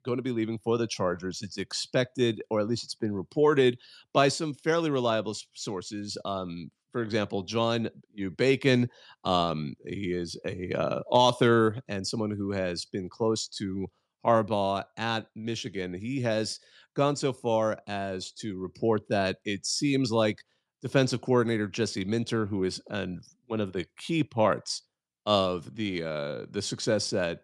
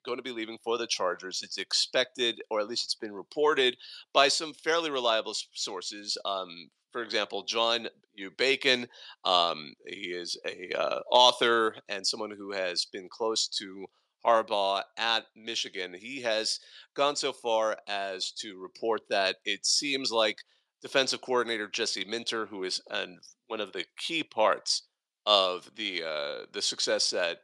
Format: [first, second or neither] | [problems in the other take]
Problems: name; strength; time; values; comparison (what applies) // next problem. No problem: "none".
first | thin; somewhat; fading below 550 Hz